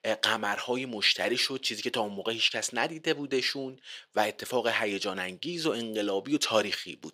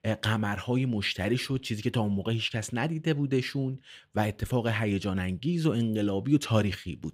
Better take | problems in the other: second | thin; somewhat; fading below 500 Hz

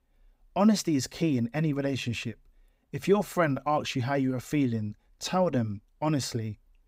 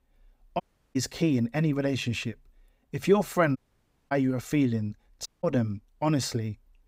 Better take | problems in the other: first | audio cutting out; at 0.5 s, at 3.5 s for 0.5 s and at 5.5 s

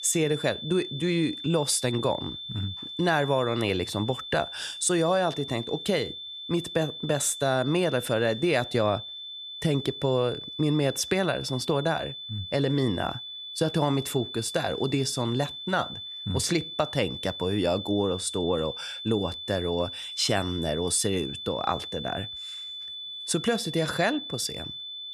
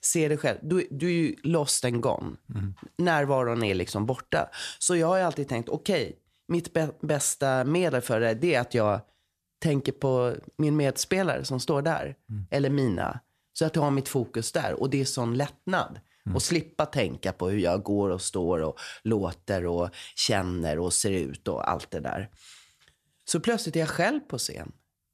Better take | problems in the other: second | high-pitched whine; loud; throughout; 3.5 kHz, 8 dB below the speech

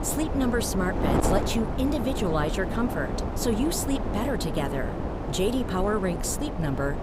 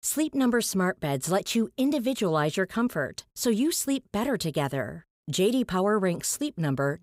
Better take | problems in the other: second | wind noise on the microphone; heavy; 3 dB below the speech

